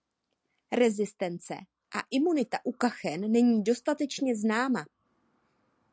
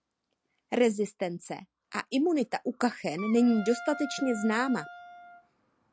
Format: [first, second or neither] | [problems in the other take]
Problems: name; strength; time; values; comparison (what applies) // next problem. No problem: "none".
first | background sound (Wind instrument, woodwind instrument); 14 dB below the speech